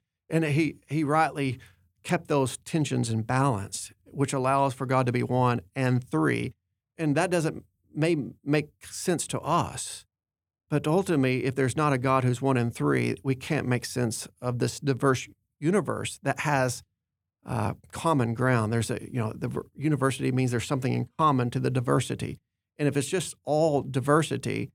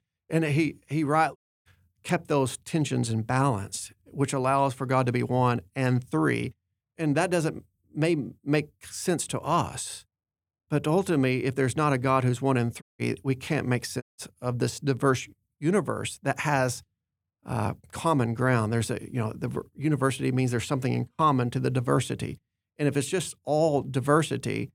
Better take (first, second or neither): first